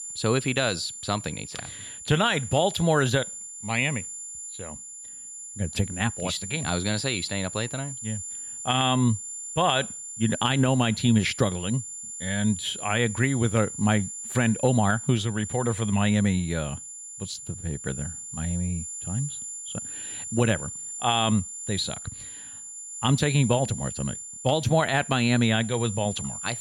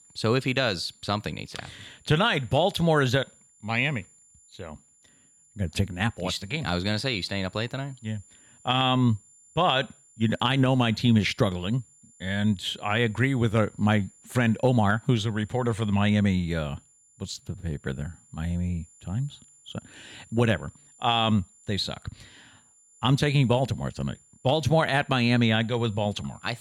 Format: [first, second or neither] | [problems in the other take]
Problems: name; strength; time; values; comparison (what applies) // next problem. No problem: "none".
second | high-pitched whine; loud; throughout; 7 kHz, 9 dB below the speech; faint in the second